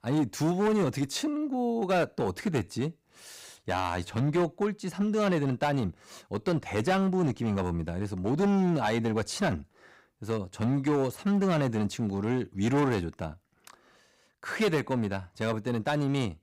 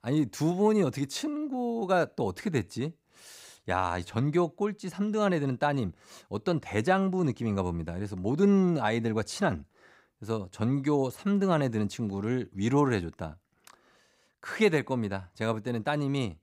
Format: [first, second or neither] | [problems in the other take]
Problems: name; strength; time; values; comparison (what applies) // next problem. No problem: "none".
second | distortion; slight; 9% of the sound clipped